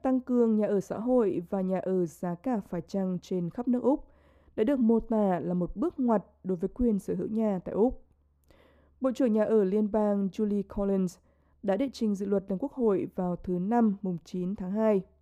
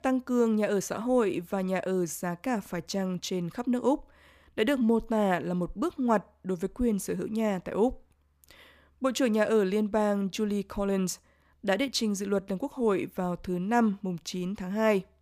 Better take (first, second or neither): second